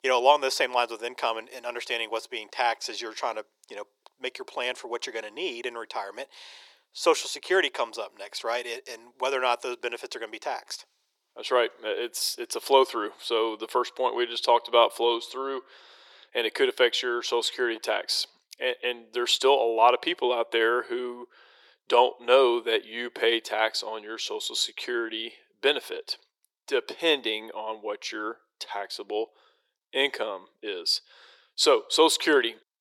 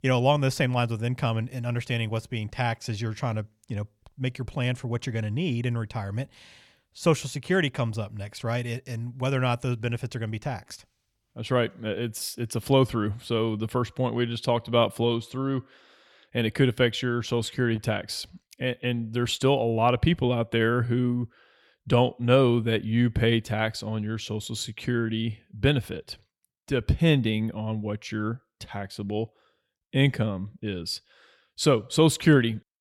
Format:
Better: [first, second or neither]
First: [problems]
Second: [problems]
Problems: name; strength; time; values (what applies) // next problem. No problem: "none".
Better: second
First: thin; very; fading below 350 Hz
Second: none